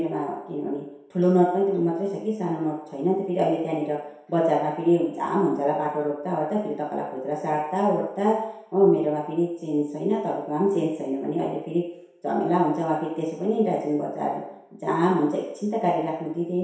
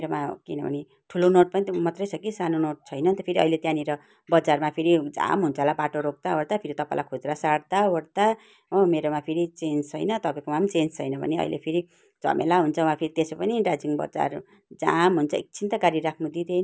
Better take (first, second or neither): second